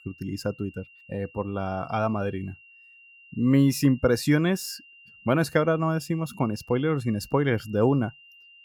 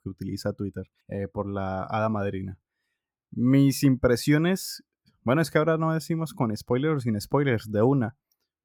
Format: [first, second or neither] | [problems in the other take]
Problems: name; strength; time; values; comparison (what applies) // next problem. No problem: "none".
second | high-pitched whine; faint; throughout; 3 kHz, 25 dB below the speech